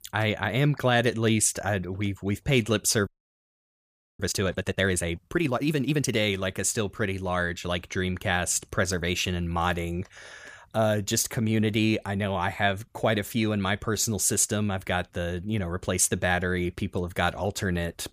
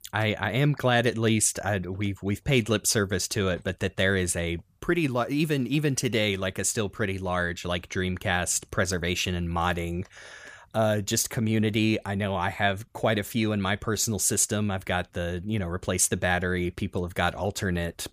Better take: second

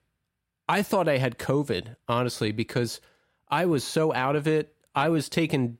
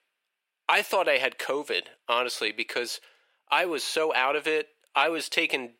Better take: first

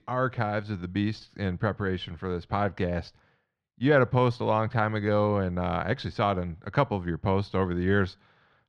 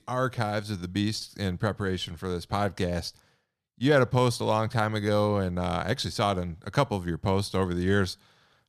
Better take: second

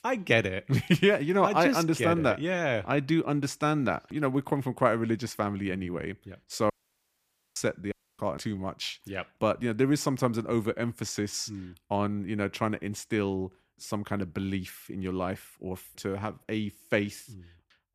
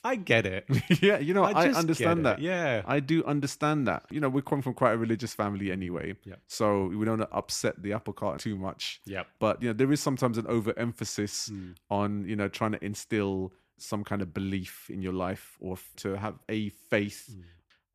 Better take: second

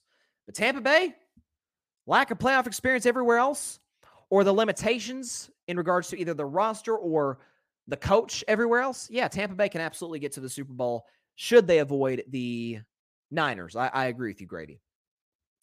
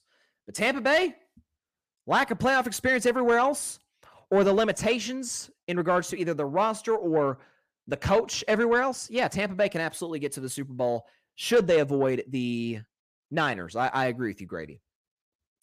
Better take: first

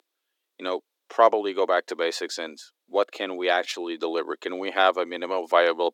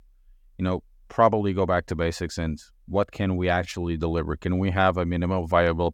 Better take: second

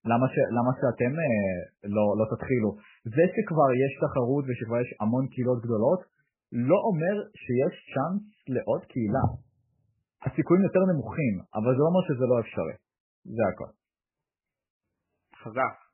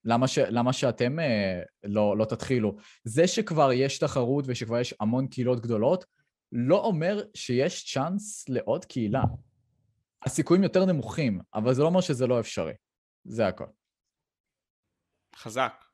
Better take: second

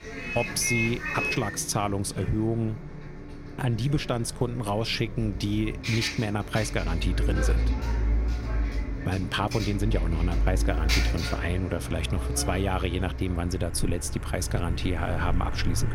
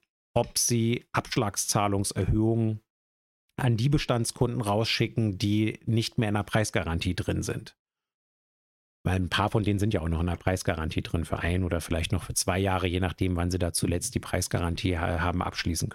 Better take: second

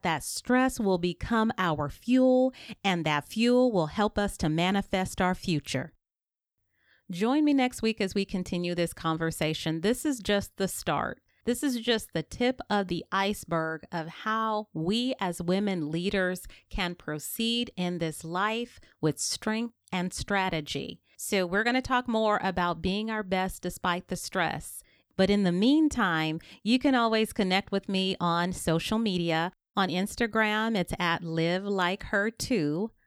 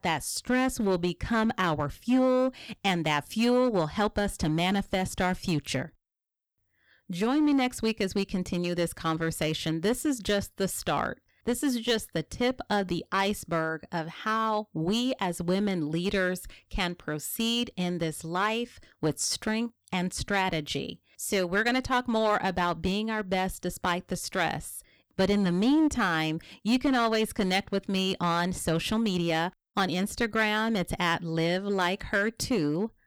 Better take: first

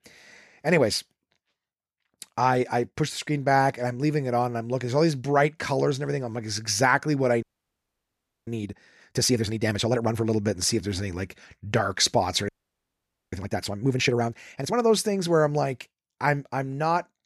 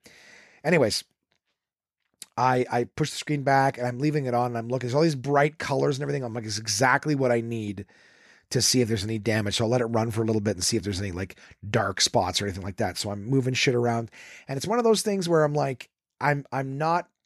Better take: second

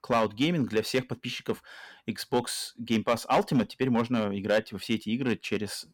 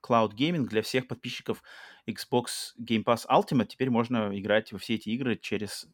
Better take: second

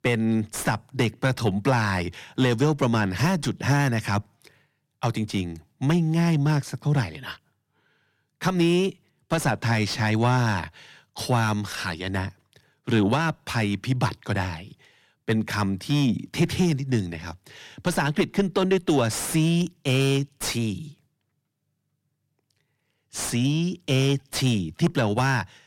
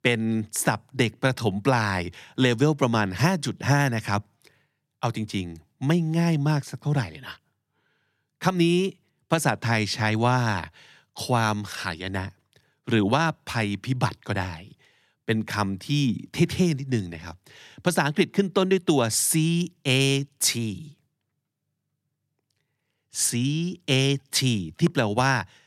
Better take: second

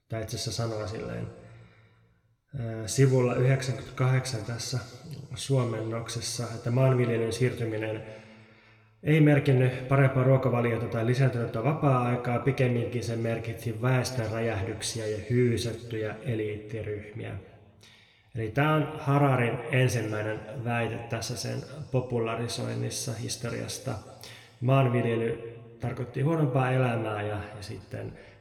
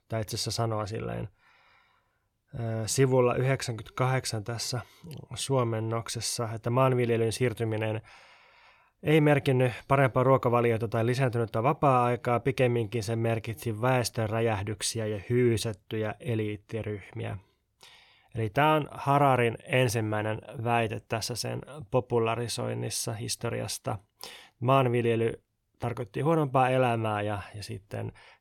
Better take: second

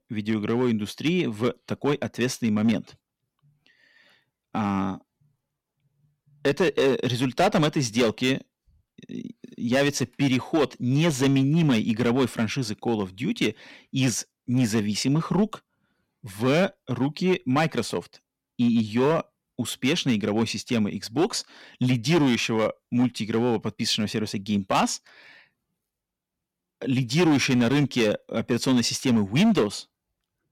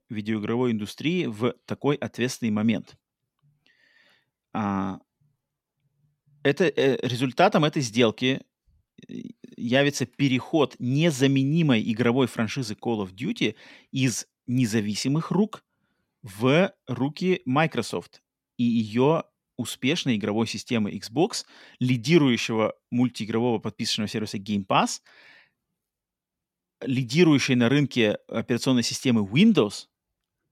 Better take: second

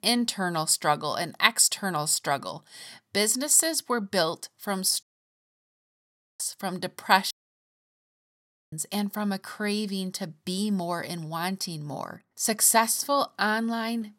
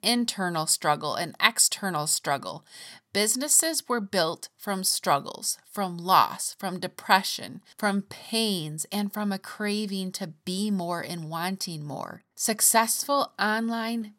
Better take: second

